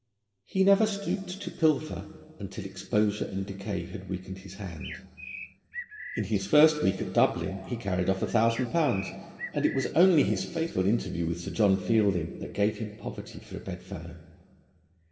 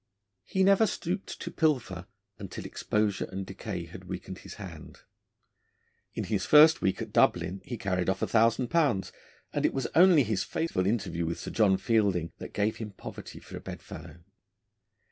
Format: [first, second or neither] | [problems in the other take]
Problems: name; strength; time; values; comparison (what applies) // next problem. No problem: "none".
second | background sound (Bird); 15 dB below the speech // room echo; dies away in 1.7 s